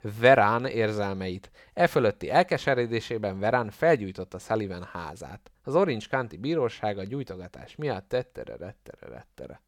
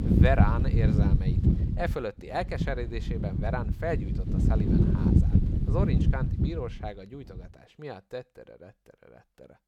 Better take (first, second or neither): first